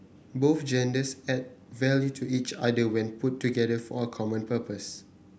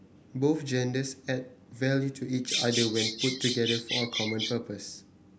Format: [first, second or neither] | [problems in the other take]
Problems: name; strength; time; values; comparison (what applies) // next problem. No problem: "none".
first | background sound (Bird vocalization, bird call, bird song); 1 dB below the speech